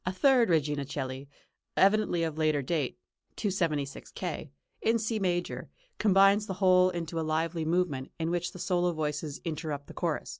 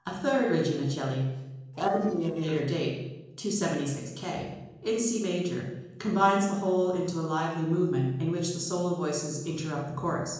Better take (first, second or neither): first